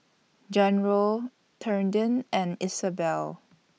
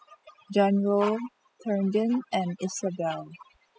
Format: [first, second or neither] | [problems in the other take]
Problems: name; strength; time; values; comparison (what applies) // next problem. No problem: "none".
first | noise reduction (classical method spectral subtraction)